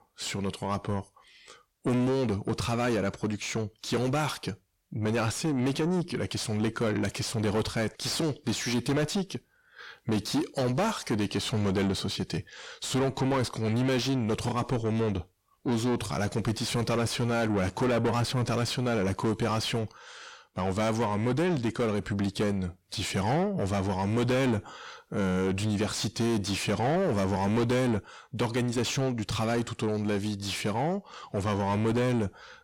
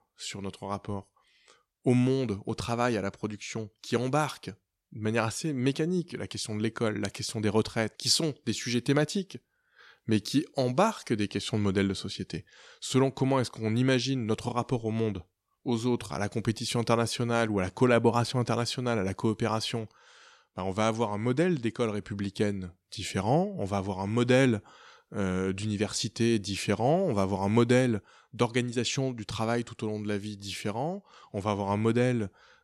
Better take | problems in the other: second | distortion; heavy; 6 dB below the speech

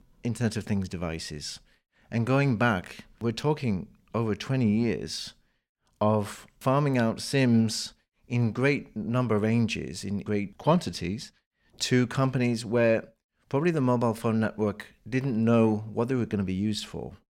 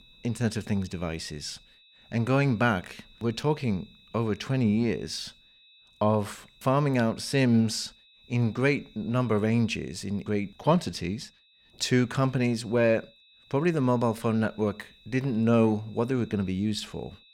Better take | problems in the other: first | high-pitched whine; faint; throughout; 4 kHz, 30 dB below the speech

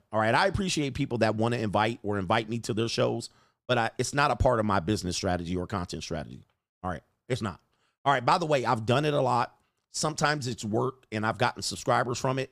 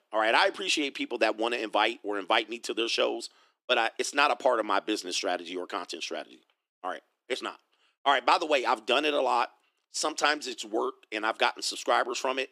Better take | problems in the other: first | thin; somewhat; fading below 300 Hz

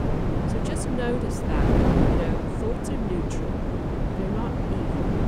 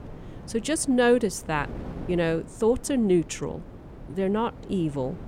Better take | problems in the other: second | wind noise on the microphone; heavy; 5 dB above the speech; occasional gusts in the second

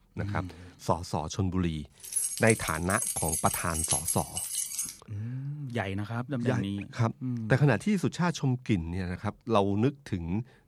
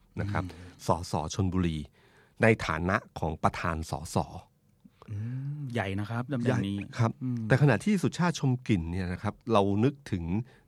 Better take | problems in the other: second | jangling keys; loud; from 2 to 5 s; peak 3 dB above the speech

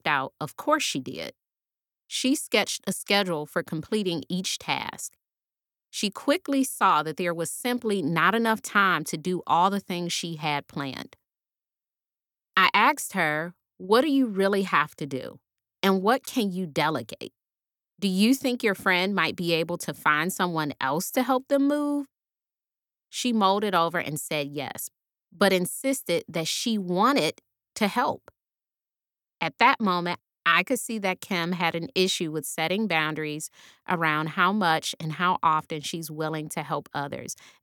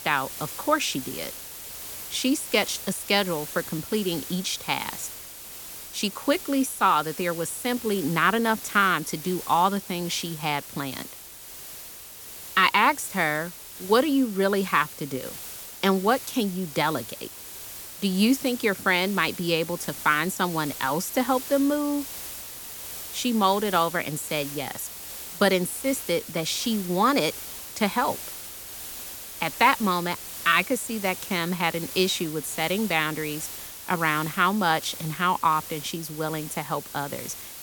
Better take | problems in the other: first | hiss; noticeable; throughout; 10 dB below the speech

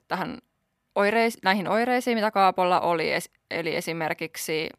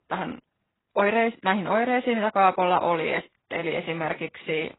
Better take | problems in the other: first | garbled, watery; badly; nothing above 4 kHz

